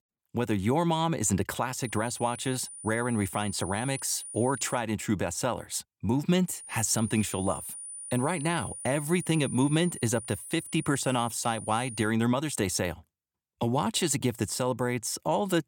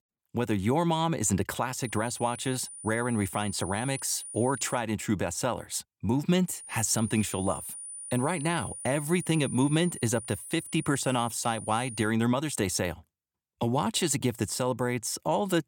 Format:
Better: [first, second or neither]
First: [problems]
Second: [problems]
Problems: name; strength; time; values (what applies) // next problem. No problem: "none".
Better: neither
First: high-pitched whine; noticeable; from 2 to 5 s and from 6.5 to 12 s; 9.5 kHz, 10 dB below the speech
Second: high-pitched whine; noticeable; from 2 to 5 s and from 6.5 to 12 s; 9.5 kHz, 10 dB below the speech